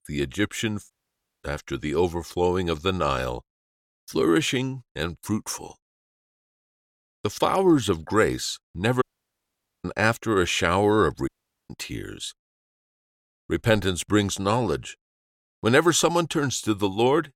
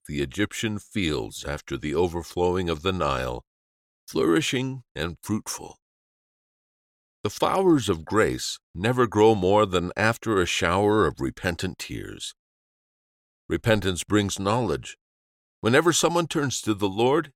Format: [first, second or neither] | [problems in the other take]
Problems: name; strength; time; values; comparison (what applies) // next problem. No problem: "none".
second | audio cutting out; at 1 s for 0.5 s, at 9 s for 1 s and at 11 s